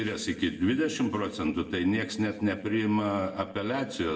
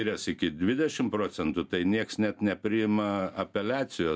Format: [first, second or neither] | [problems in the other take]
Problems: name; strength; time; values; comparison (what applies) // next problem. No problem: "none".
second | room echo; dies away in 1.5 s